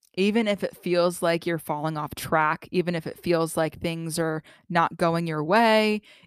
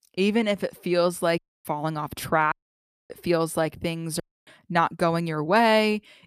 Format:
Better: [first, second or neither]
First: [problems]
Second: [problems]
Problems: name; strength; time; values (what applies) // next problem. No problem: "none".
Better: first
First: none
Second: audio cutting out; at 1.5 s, at 2.5 s for 0.5 s and at 4 s